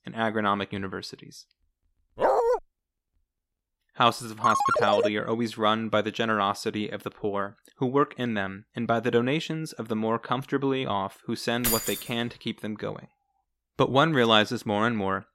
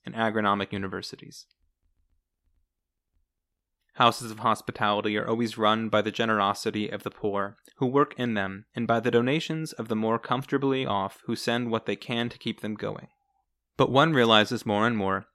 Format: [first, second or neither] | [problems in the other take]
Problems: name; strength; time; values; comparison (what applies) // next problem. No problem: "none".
second | dog barking; loud; at 2 s; peak 4 dB above the speech // phone ringing; loud; at 4.5 s; peak 3 dB above the speech // jangling keys; loud; at 12 s; peak 1 dB above the speech